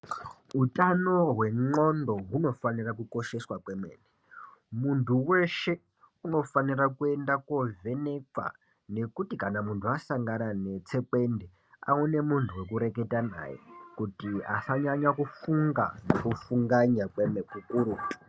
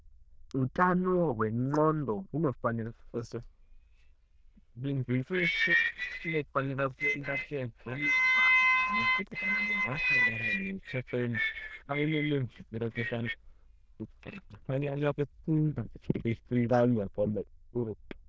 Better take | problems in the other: first | noise reduction (neural diffusion model UNIVERSE++)

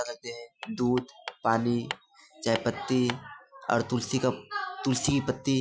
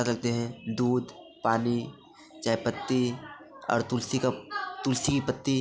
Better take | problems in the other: second | noise reduction (classical method Wiener filter)

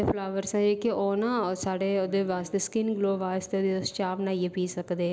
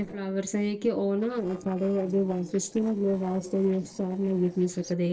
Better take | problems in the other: first | noise reduction (neural separator model SepFormer DNS4)

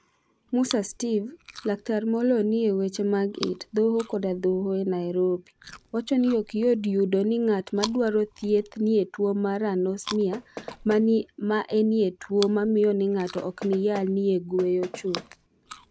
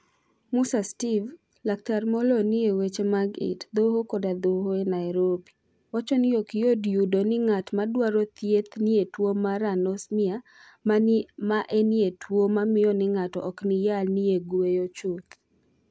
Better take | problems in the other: second | background sound (Knock + Chewing, mastication); 18 dB below the speech

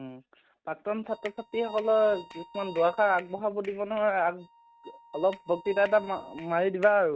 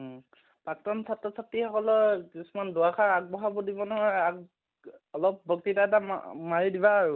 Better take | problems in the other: second | noise reduction (neural mask model RNNoise)

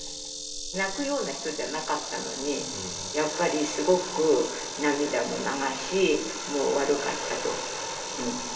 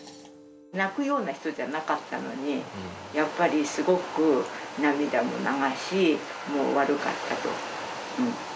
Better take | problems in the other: second | background sound (Insect); 8 dB below the speech // room echo; dies away in 3 s

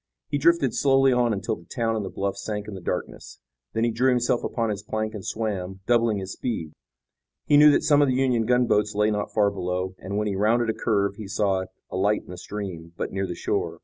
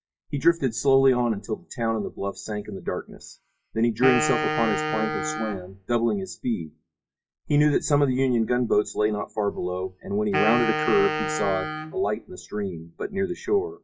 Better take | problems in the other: first | noise reduction (classical method WPE with log-MMSE)

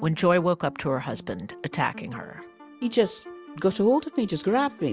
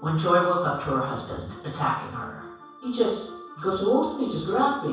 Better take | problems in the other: first | room echo; dies away in 0.7 s

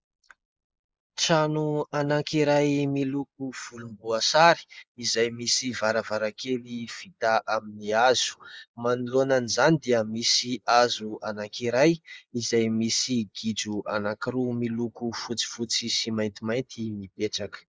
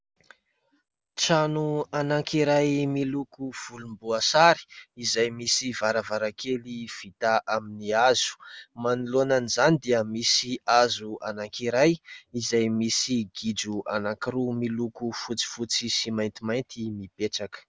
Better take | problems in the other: second | noise reduction (neural mask model Resemble Enhance denoiser)

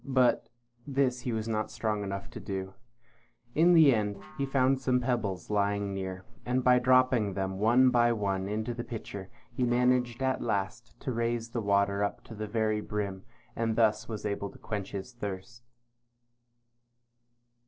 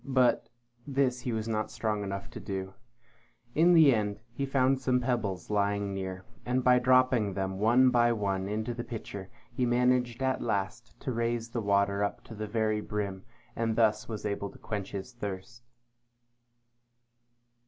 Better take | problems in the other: second | noise reduction (neural separator model SepFormer DNS4)

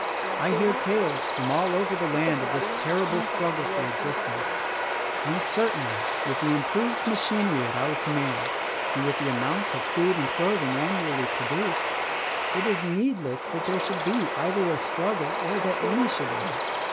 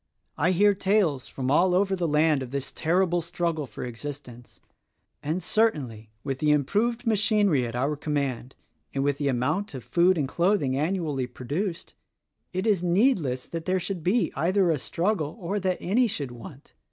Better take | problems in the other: second | background sound (Bird vocalization, bird call, bird song); as loud as the speech

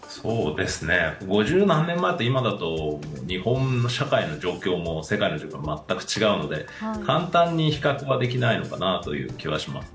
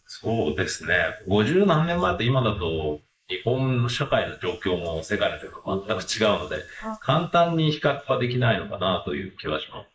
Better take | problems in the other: first | noise reduction (neural mask model Resemble Enhance denoiser)

